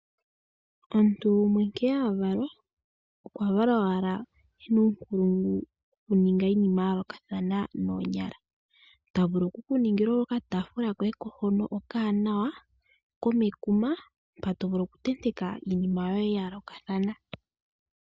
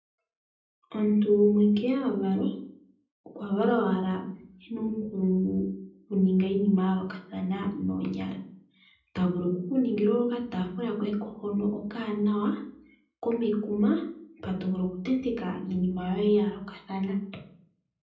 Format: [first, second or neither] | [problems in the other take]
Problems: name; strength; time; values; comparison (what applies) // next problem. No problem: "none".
first | room echo; dies away in 0.6 s